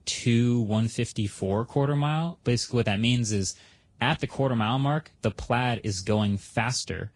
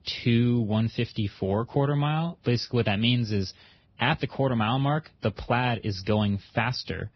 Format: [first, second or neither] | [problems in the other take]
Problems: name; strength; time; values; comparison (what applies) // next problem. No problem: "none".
first | garbled, watery; badly; nothing above 5.5 kHz; slightly in the first